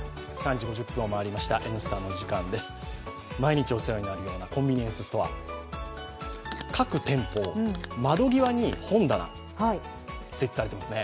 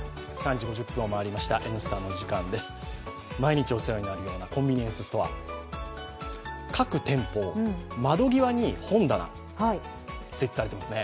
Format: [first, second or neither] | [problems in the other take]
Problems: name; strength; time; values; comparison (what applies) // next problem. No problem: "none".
second | background sound (Bell); 18 dB below the speech